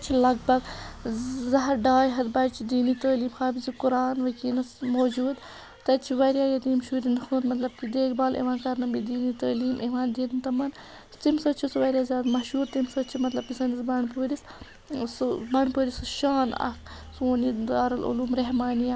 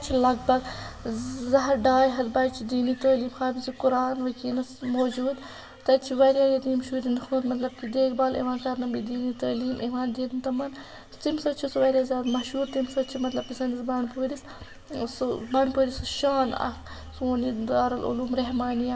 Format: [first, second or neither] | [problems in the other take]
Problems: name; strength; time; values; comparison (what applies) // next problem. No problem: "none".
first | room echo; dies away in 0.8 s